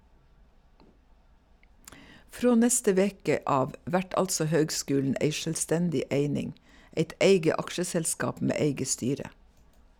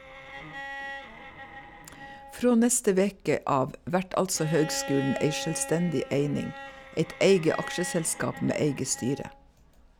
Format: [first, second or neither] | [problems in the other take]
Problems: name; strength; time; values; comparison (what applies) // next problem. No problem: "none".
first | background sound (Bowed string instrument); 14 dB below the speech